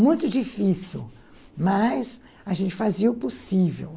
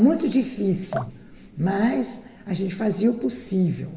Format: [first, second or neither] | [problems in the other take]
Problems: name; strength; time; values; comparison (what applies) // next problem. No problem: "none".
first | background sound (Drip); 15 dB below the speech // room echo; dies away in 2.4 s